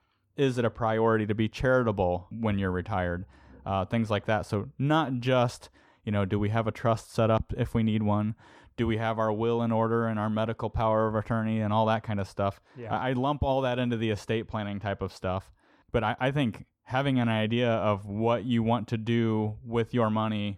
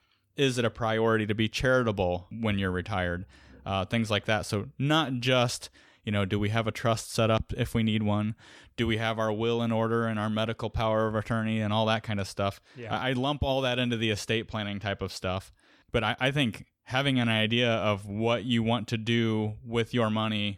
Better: second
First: muffled; slightly; fading above 2 kHz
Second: none

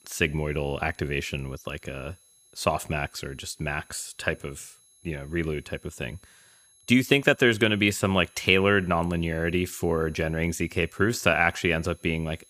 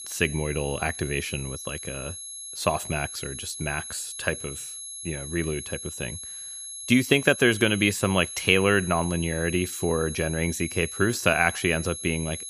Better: first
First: high-pitched whine; faint; throughout; 11 kHz, 30 dB below the speech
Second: high-pitched whine; loud; throughout; 11 kHz, 9 dB below the speech

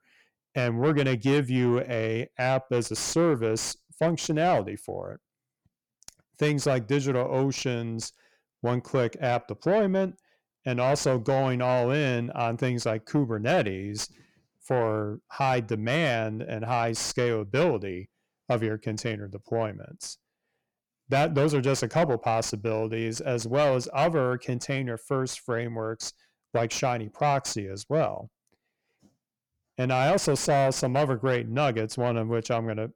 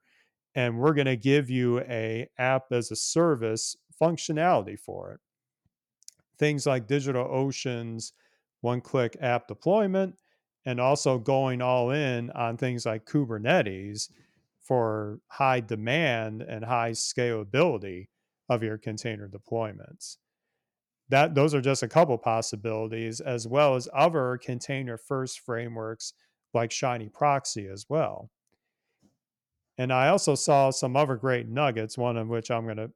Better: second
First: distortion; slight; 10 dB below the speech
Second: none

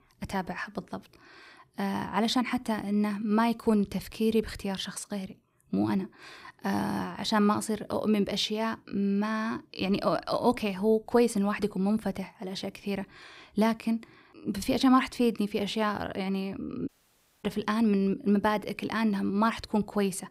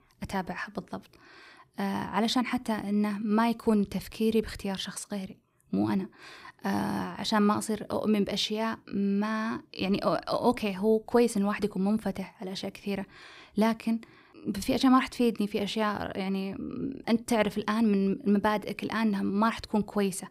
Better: second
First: audio cutting out; at 17 s for 0.5 s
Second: none

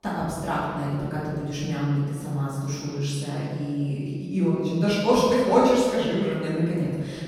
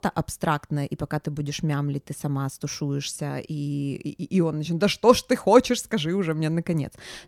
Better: second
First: room echo; strong; dies away in 1.7 s // off-mic speech; far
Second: none

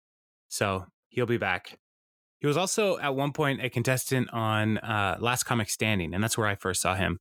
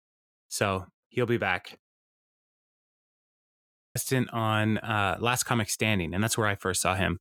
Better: first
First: none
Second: audio cutting out; at 2 s for 2 s

